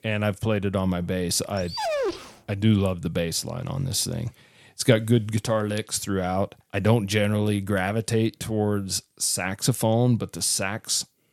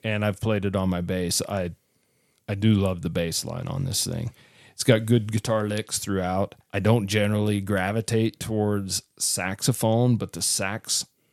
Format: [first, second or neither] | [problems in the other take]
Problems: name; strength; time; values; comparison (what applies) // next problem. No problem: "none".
second | dog barking; noticeable; at 1.5 s; peak 1 dB below the speech